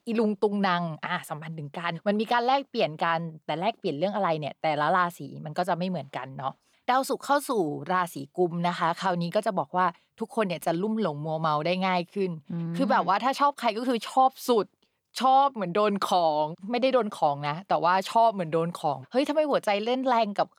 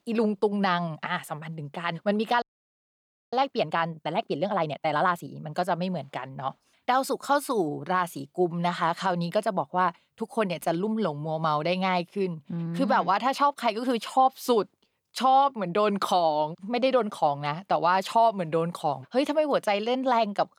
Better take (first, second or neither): first